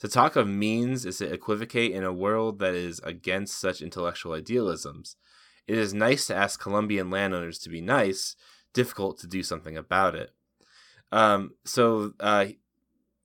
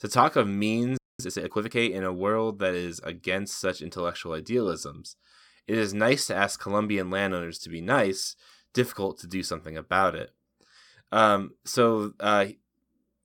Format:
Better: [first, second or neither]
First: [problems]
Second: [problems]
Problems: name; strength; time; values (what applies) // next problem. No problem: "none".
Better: first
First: none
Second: audio freezing; at 1 s